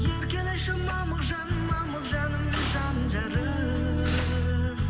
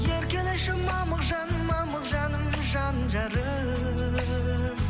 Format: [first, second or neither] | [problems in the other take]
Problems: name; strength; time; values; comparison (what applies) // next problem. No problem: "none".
second | background sound (Mechanisms); 10 dB below the speech // room echo; dies away in 1.5 s